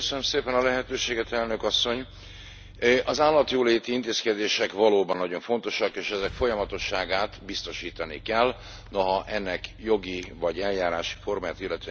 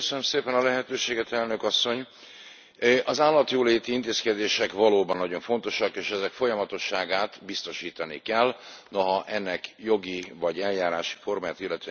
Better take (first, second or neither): second